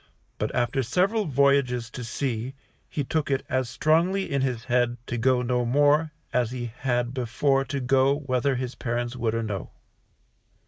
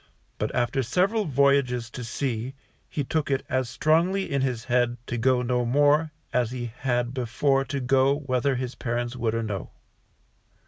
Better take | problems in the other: second | noise reduction (neural mask model Resemble Enhance denoiser)

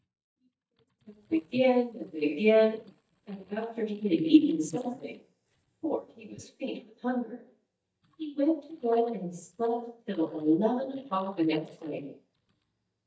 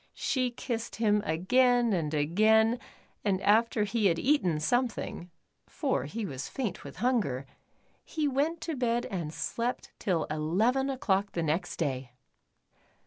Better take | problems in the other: second | noise reduction (neural mask model DeepFilterNet 3)

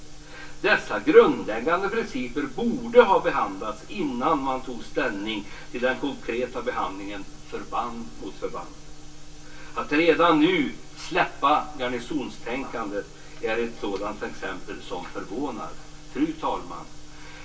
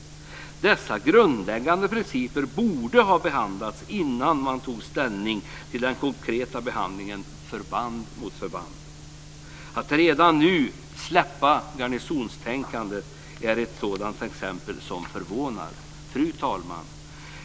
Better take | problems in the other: second | room echo; dies away in 0.2 s

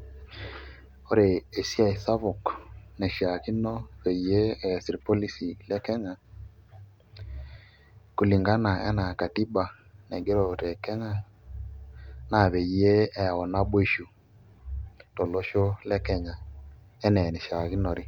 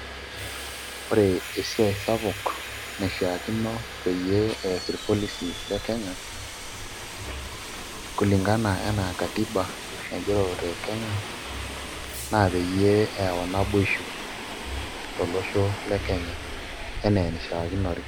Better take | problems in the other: first | background sound (Subway, metro, underground); 9 dB below the speech

